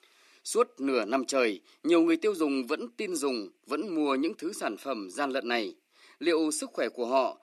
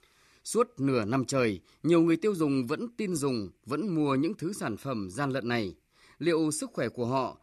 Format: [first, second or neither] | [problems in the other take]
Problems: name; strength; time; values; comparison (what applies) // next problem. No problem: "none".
second | thin; very slightly; fading below 250 Hz